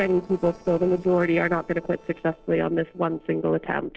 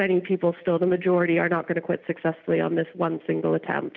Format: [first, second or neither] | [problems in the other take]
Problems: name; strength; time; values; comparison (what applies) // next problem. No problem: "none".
second | noise reduction (neural separator model SepFormer DNS4)